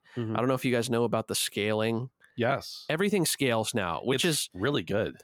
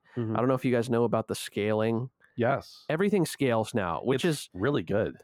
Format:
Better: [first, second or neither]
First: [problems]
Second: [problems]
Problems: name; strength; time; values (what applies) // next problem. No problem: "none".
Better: first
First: none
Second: muffled; slightly; fading above 2 kHz